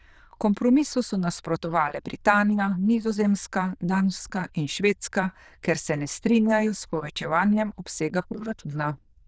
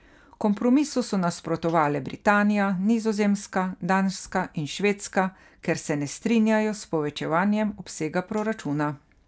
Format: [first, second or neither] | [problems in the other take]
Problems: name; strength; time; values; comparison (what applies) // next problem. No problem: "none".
second | noise reduction (neural diffusion model UNIVERSE++)